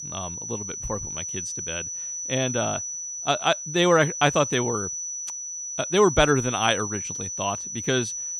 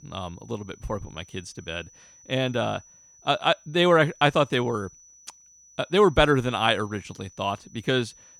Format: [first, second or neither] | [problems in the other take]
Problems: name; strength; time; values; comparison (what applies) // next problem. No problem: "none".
second | high-pitched whine; loud; throughout; 6 kHz, 6 dB below the speech; faint in the second